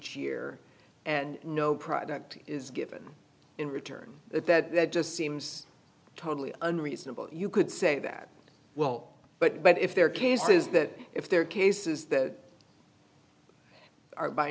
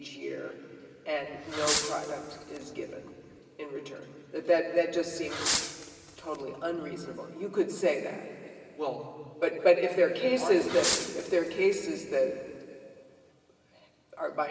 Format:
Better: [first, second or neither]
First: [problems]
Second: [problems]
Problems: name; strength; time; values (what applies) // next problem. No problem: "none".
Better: first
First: none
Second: background sound (Fireworks); 6 dB below the speech // room echo; dies away in 2.6 s